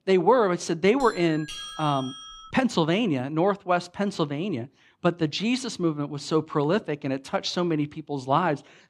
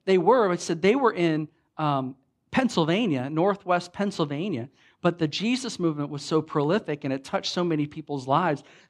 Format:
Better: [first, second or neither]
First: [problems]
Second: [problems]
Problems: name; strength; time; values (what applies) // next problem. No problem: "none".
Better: second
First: doorbell; noticeable; from 1 to 2.5 s; peak 10 dB below the speech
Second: none